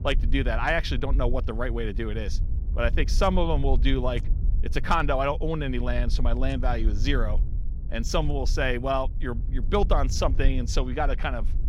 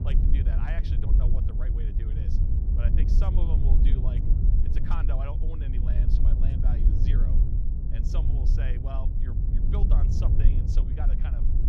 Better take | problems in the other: first | wind noise on the microphone; heavy; 1 dB above the speech; occasional gusts in the first

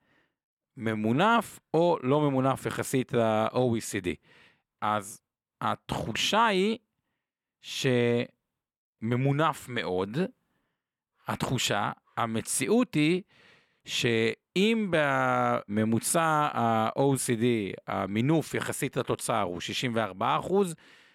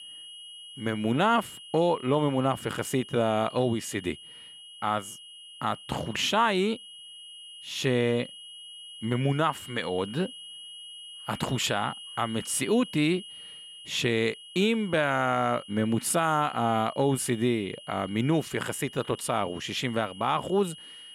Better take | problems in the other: first | high-pitched whine; noticeable; throughout; 3 kHz, 15 dB below the speech

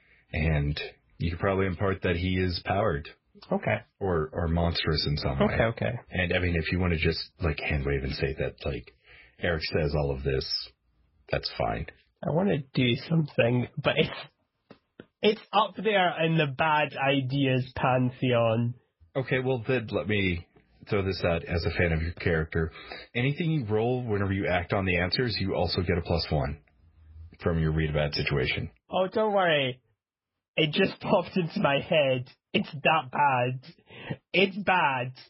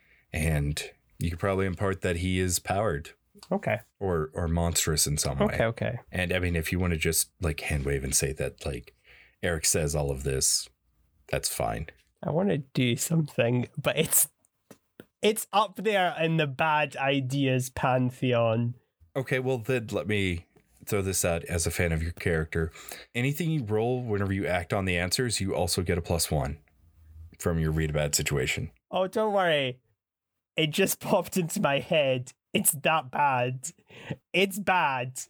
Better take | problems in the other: second | garbled, watery; badly; nothing above 5.5 kHz

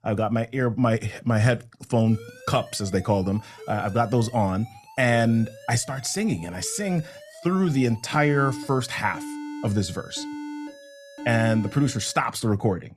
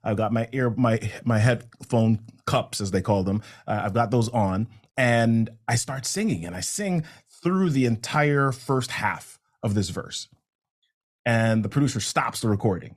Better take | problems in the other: second | alarm; noticeable; from 2 to 12 s; peak 10 dB below the speech

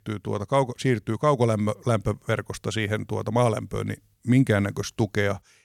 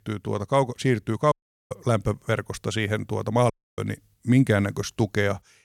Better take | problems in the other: first | audio cutting out; at 1.5 s and at 3.5 s

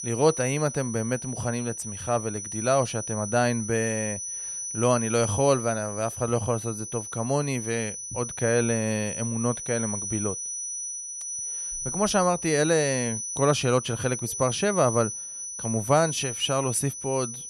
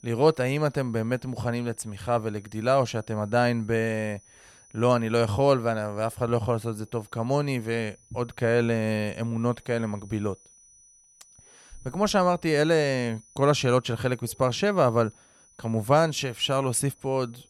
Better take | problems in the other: second | high-pitched whine; loud; throughout; 6 kHz, 5 dB below the speech; faint in the second

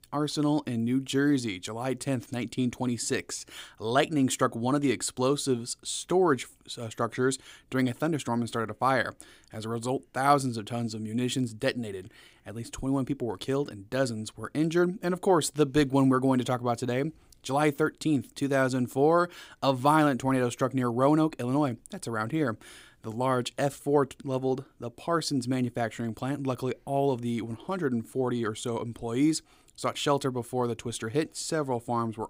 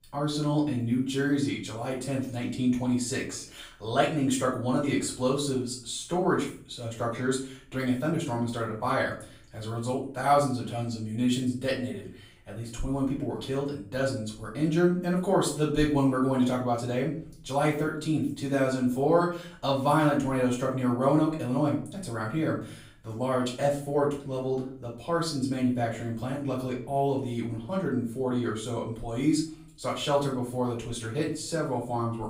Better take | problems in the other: first | off-mic speech; far // room echo; slight; dies away in 0.4 s

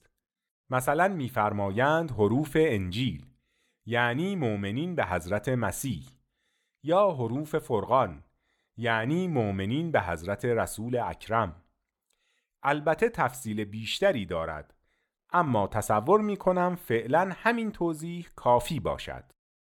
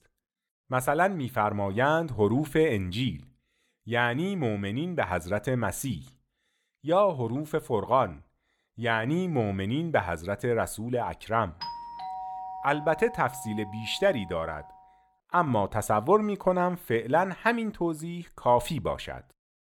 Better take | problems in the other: first | doorbell; noticeable; from 12 to 15 s; peak 9 dB below the speech

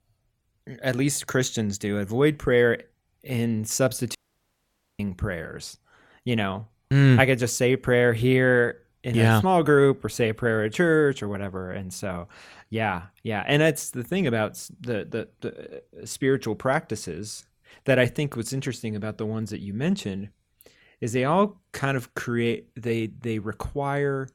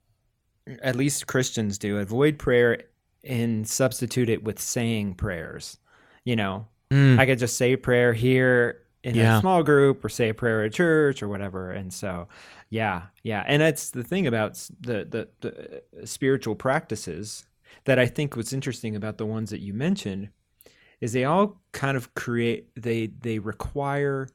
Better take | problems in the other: second | audio cutting out; at 4 s for 1 s

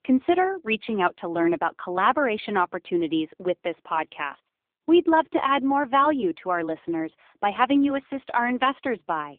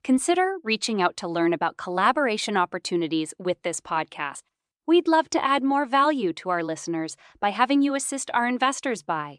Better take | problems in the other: second | phone-call audio; poor line

